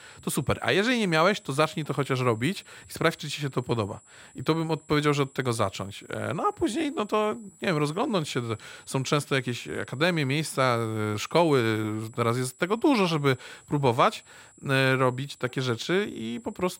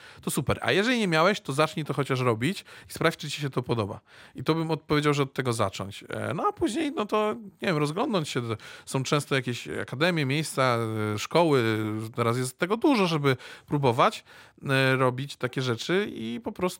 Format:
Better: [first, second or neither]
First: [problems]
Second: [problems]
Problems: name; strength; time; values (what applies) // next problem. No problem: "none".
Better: second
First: high-pitched whine; faint; throughout; 7.5 kHz, 25 dB below the speech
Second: none